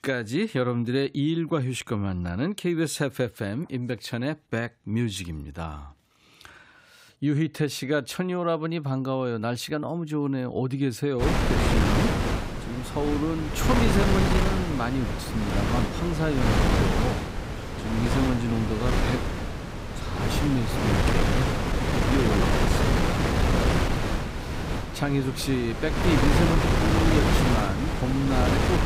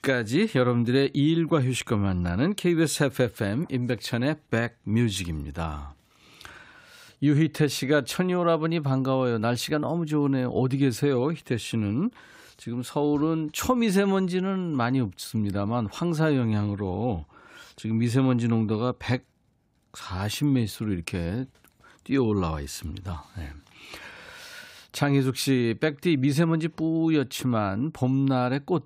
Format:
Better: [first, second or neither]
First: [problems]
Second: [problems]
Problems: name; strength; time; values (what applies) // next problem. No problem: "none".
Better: second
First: wind noise on the microphone; heavy; from 11 s on; 2 dB above the speech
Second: none